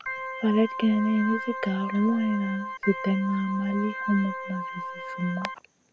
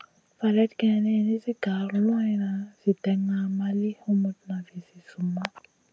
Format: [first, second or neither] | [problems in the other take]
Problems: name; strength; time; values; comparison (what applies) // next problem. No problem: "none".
second | background sound (Organ); 8 dB below the speech